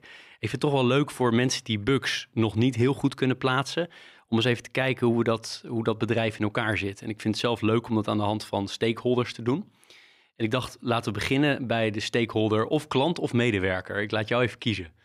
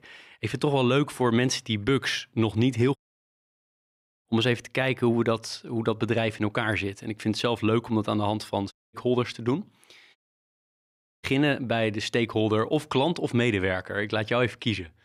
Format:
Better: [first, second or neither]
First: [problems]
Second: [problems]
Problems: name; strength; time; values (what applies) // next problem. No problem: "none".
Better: first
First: none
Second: audio cutting out; at 3 s for 1.5 s, at 8.5 s and at 10 s for 1 s